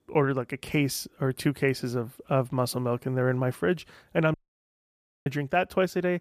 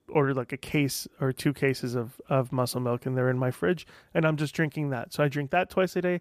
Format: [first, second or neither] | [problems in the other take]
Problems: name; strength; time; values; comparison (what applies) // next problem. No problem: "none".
second | audio cutting out; at 4.5 s for 1 s